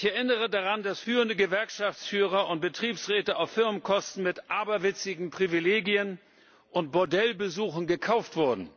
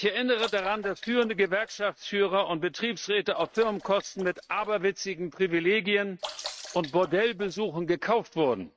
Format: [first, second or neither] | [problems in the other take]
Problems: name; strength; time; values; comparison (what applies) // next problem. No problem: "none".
first | noise reduction (neural mask model RNNoise)